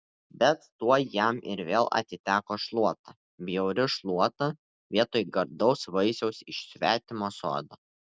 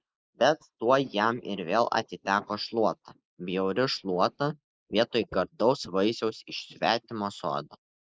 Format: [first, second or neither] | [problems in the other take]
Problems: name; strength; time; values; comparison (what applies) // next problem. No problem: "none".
first | noise reduction (neural mask model Resemble Enhance denoiser)